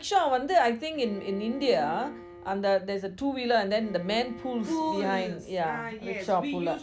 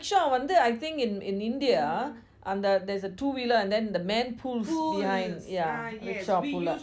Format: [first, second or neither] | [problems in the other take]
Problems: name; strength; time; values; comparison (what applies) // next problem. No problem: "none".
second | background sound (Bowed string instrument); 18 dB below the speech